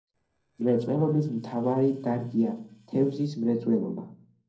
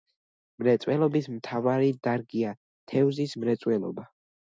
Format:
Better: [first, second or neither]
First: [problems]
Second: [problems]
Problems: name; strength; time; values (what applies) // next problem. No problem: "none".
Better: second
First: noise reduction (neural separator model SepFormer DNS4)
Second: none